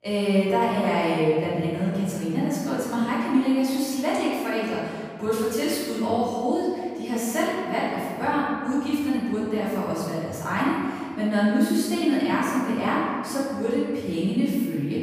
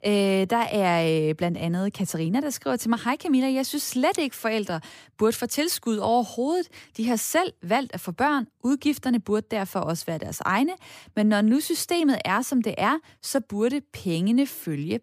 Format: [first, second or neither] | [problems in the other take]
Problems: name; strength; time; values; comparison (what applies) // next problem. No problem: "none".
second | room echo; strong; dies away in 1.9 s // off-mic speech; far